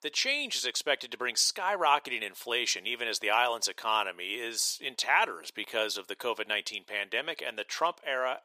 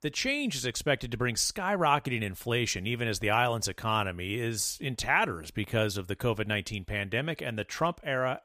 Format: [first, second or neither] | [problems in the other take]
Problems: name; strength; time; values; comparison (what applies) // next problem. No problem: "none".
second | thin; very; fading below 400 Hz